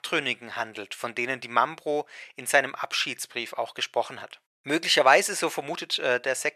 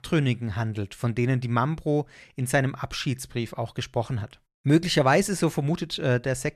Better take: second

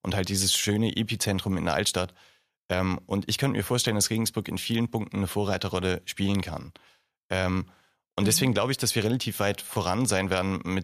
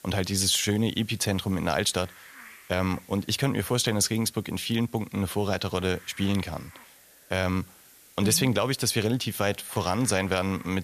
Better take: first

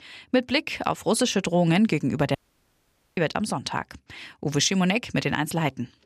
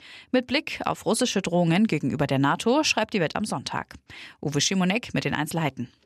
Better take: second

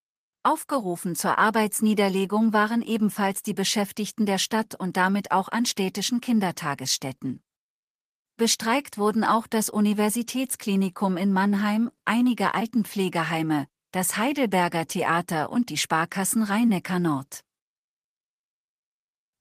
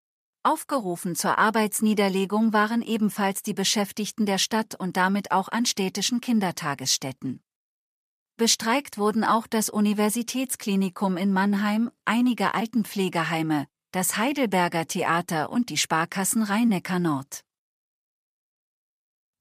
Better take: second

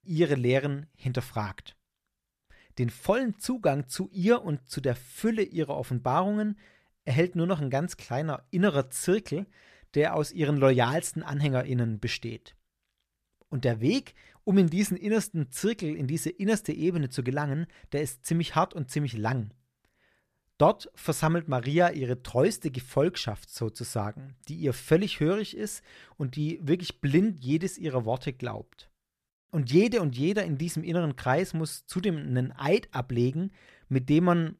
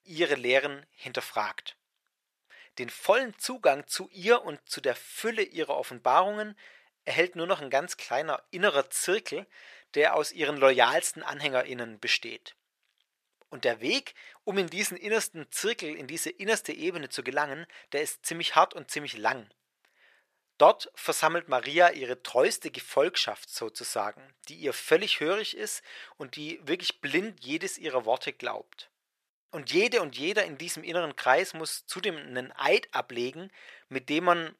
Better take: first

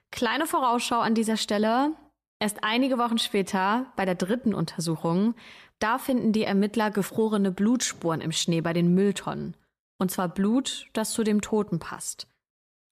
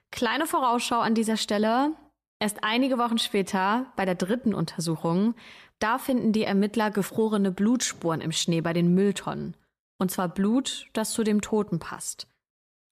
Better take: neither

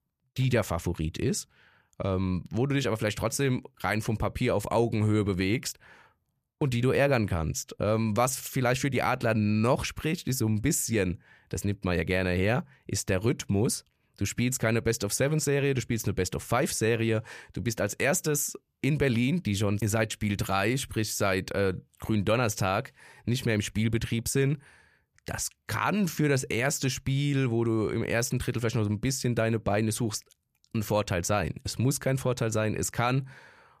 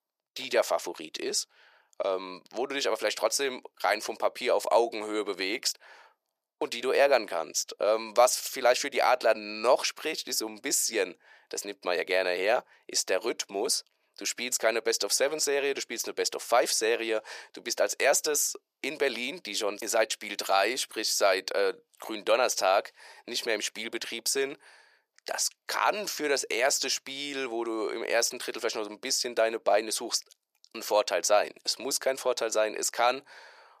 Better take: first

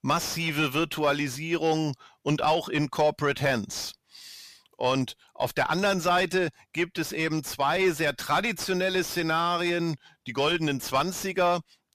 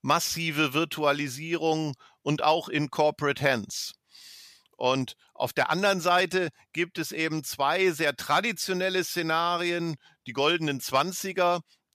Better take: second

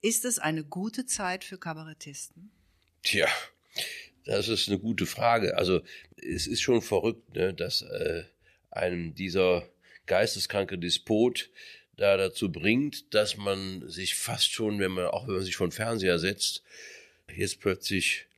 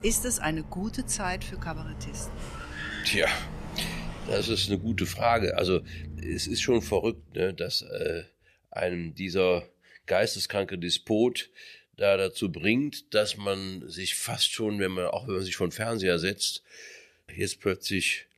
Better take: first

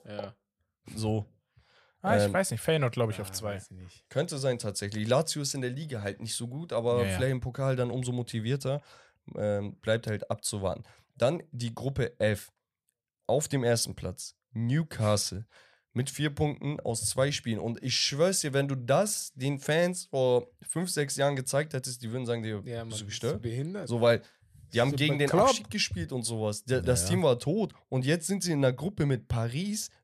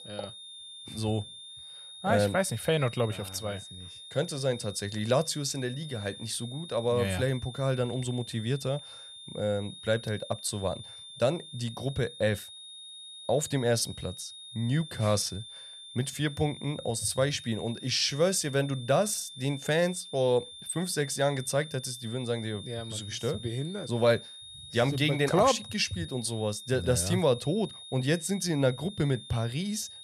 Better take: first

